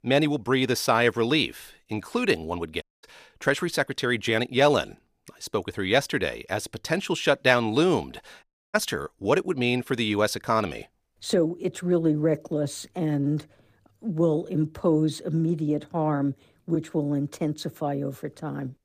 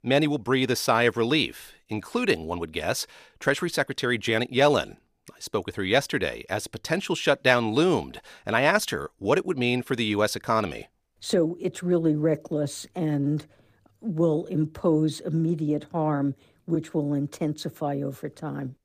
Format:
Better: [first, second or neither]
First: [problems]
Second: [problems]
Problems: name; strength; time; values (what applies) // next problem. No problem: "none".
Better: second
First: audio cutting out; at 3 s and at 8.5 s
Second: none